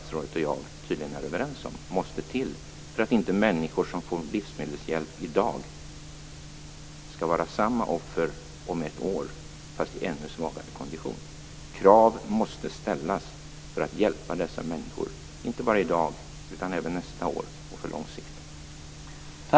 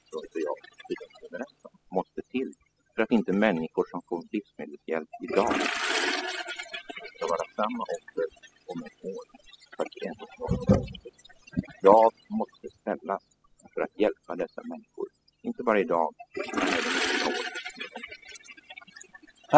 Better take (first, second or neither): first